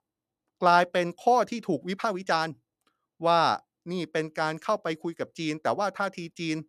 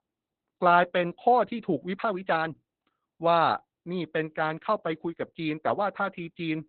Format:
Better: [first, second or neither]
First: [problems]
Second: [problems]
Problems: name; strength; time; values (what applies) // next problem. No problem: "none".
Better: first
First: none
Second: garbled, watery; badly; nothing above 4 kHz